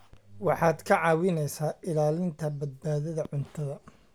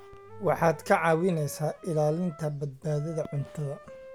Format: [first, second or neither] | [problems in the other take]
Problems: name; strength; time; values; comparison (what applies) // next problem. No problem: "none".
first | background sound (Wind instrument, woodwind instrument); 20 dB below the speech